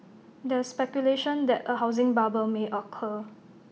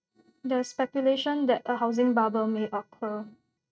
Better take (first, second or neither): first